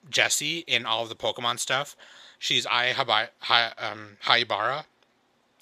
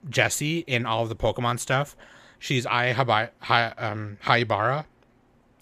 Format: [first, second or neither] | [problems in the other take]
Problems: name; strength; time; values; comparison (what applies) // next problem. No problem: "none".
second | thin; somewhat; fading below 1 kHz